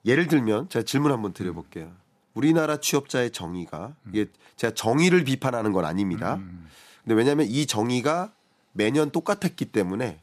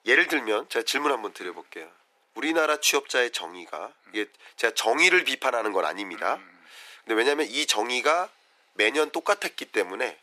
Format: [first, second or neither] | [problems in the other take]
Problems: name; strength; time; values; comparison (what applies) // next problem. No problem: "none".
first | thin; very; fading below 400 Hz